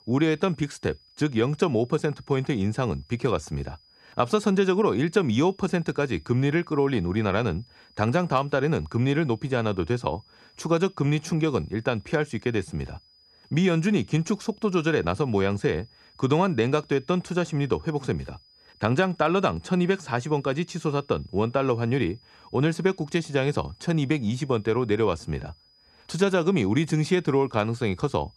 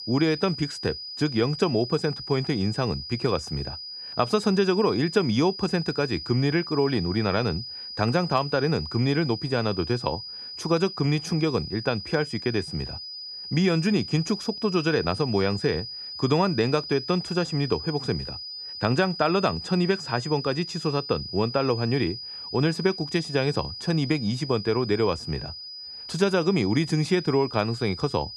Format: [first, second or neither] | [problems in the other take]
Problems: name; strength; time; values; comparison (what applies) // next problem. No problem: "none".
first | high-pitched whine; loud; throughout; 5 kHz, 9 dB below the speech; faint in the first